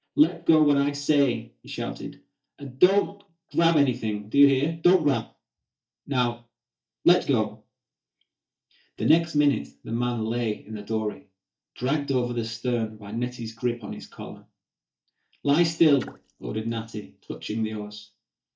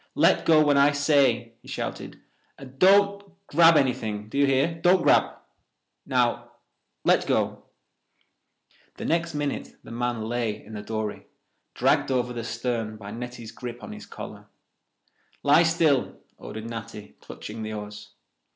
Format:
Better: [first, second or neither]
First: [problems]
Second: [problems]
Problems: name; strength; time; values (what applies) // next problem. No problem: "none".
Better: second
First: noise reduction (neural mask model DeepFilterNet 3)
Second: none